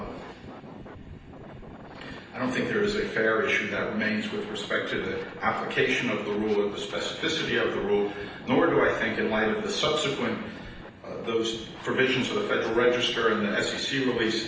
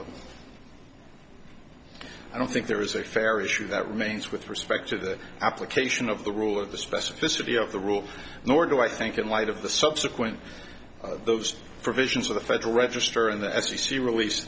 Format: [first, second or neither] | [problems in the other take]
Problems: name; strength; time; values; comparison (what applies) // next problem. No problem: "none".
second | background sound (Scratching (performance technique)); 17 dB below the speech // room echo; dies away in 0.9 s